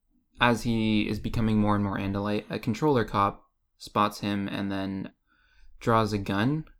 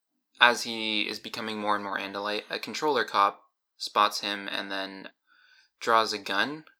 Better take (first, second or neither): first